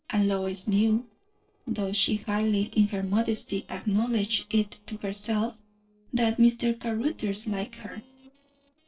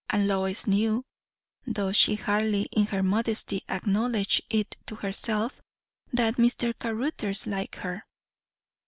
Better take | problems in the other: second | noise reduction (neural separator model SepFormer DNS4)

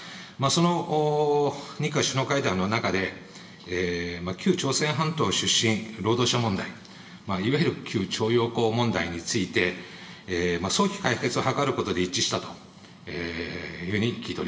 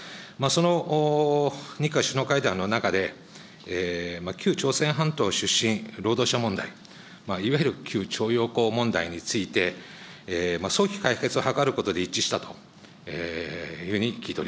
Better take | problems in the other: second | room echo; dies away in 0.9 s

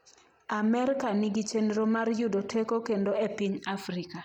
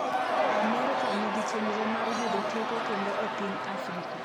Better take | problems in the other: first | background sound (Crowd / Cheering); 5 dB above the speech

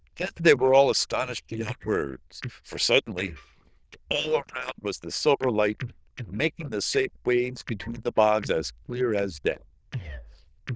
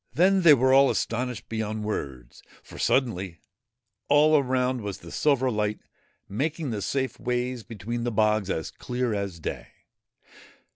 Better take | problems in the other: second | noise reduction (neural diffusion model UNIVERSE++)

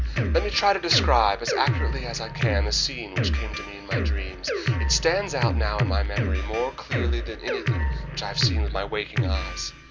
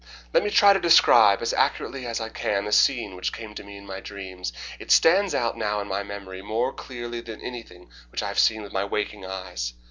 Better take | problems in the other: second | background sound (Drum kit); 2 dB above the speech

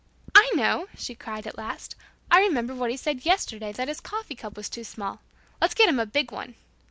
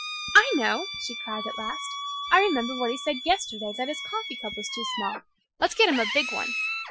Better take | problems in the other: first | noise reduction (classical method Wiener filter)

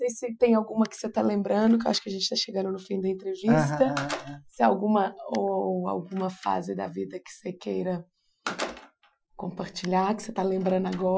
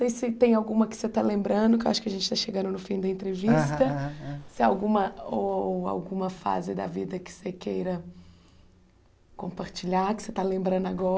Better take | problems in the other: second | noise reduction (classical method Wiener filter)

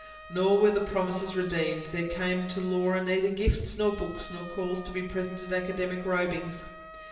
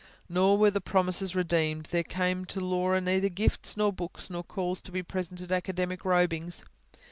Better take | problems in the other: second | background sound (Trumpet); 18 dB below the speech // room echo; dies away in 1 s

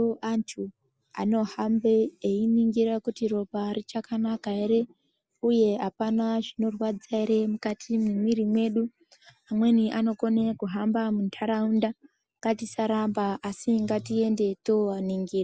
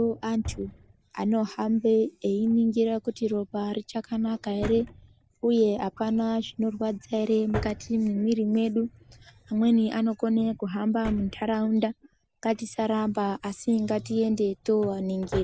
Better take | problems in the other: first | background sound (Drawer open or close); 17 dB below the speech

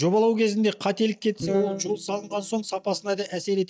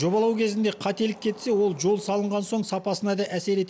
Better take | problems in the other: second | noise reduction (neural mask model DeepFilterNet 3)

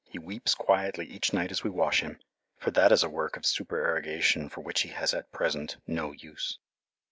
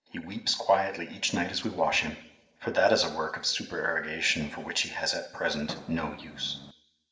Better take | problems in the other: first | background sound (Fireworks); 15 dB below the speech // room echo; dies away in 0.8 s

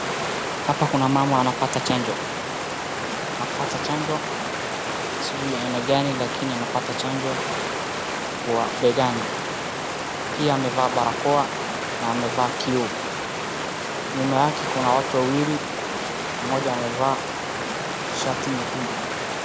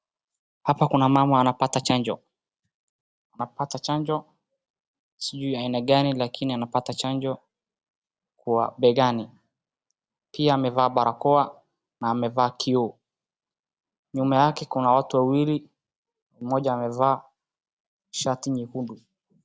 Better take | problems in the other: second | background sound (Water); 1 dB below the speech

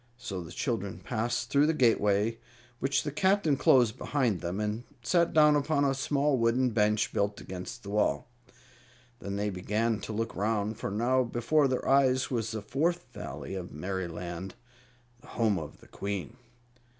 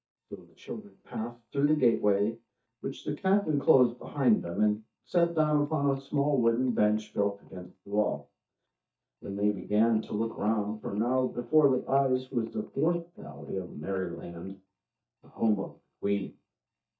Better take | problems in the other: first | noise reduction (neural mask model DeepFilterNet 3)

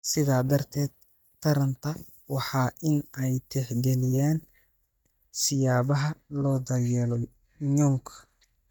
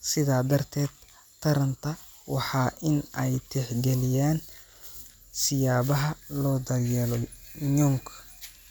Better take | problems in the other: second | noise reduction (neural mask model DeepFilterNet 3)

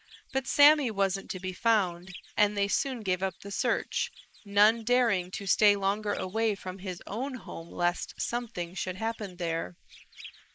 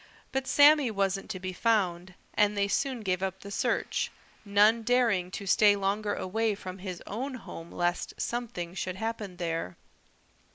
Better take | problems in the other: second | noise reduction (neural mask model Resemble Enhance denoiser)

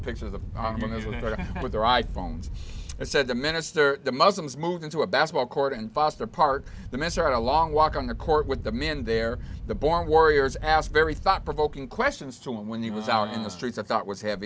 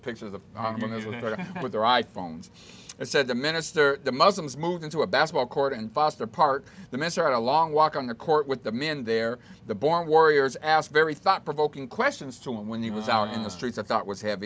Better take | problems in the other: second | background sound (Wind); 11 dB below the speech

